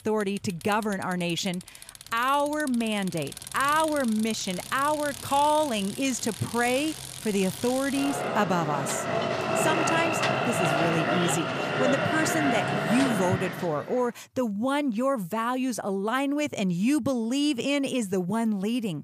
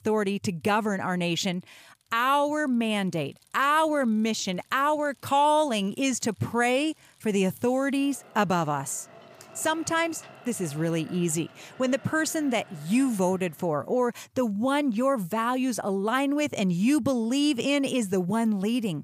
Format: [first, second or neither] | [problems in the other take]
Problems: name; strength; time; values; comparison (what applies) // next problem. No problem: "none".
second | traffic noise; loud; until 14 s; 2 dB below the speech; faint in the second